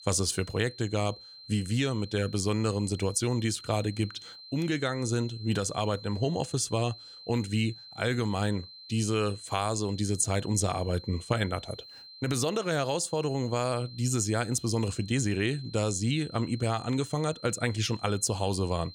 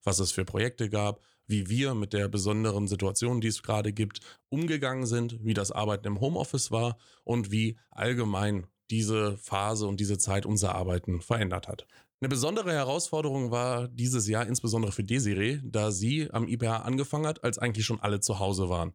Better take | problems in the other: second | high-pitched whine; noticeable; throughout; 4 kHz, 15 dB below the speech

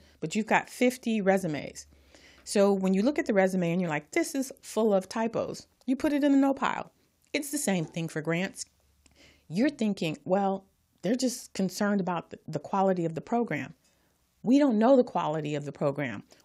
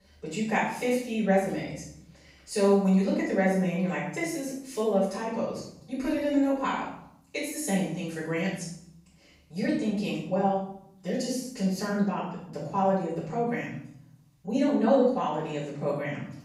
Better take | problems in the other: first | off-mic speech; far // room echo; noticeable; dies away in 0.7 s

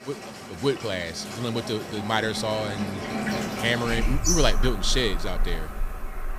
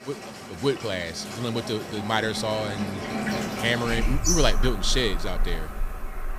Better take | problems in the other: neither | animal sounds; loud; throughout; 4 dB below the speech; the same in both

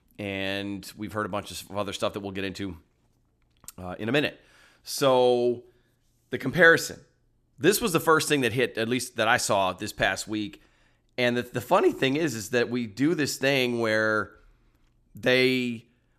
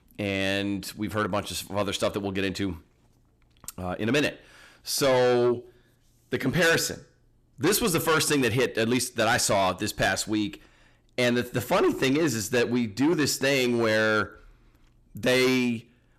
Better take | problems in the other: first | distortion; heavy; 6 dB below the speech

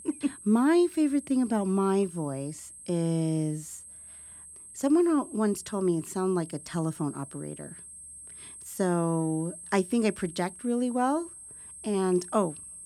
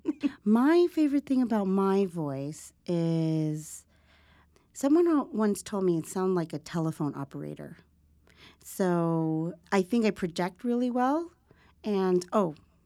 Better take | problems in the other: second | high-pitched whine; noticeable; throughout; 8.5 kHz, 15 dB below the speech

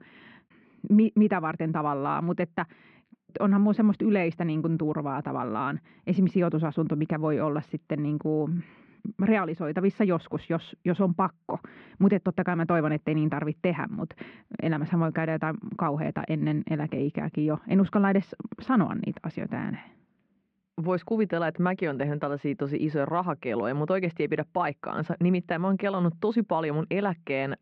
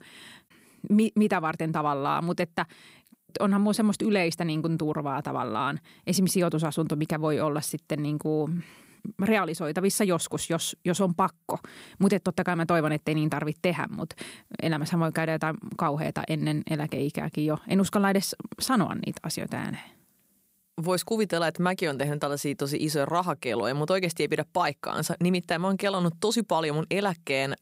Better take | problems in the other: second | muffled; very; fading above 2.5 kHz

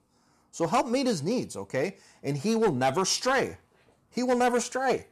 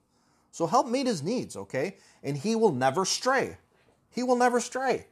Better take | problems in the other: second | distortion; slight; 4% of the sound clipped

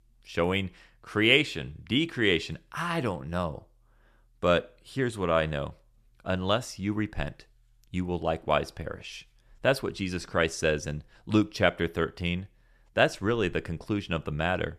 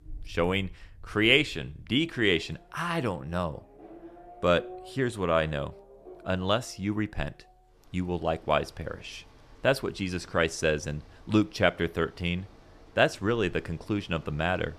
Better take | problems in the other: first | traffic noise; faint; throughout; 25 dB below the speech

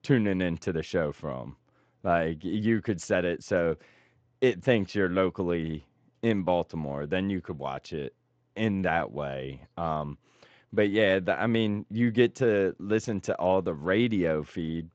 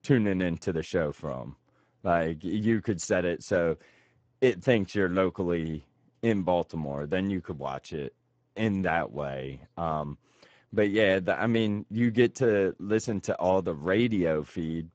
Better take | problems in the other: first | garbled, watery; badly; nothing above 7.5 kHz; slightly in the first

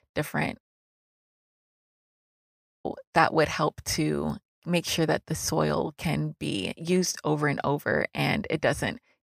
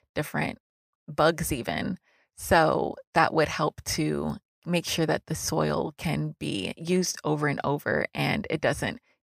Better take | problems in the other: second | audio cutting out; at 0.5 s for 2 s

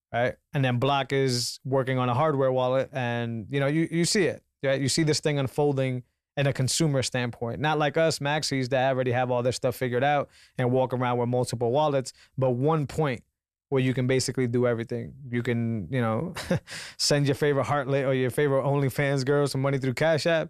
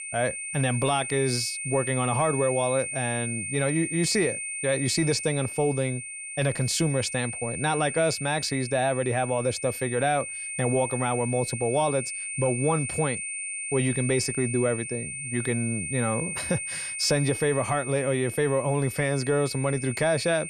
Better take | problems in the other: first | high-pitched whine; loud; throughout; 9 kHz, 5 dB below the speech

